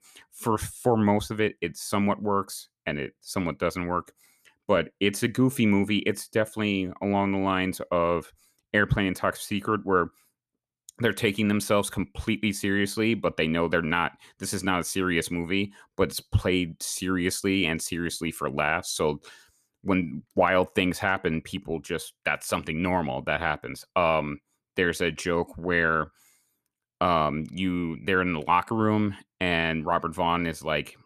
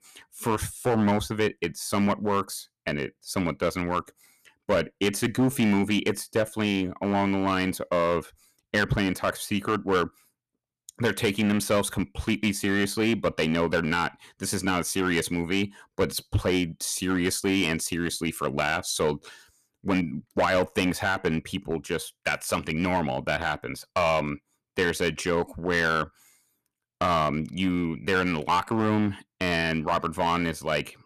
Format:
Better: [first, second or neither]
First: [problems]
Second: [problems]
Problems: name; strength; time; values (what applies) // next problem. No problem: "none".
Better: first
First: none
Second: distortion; slight; 5% of the sound clipped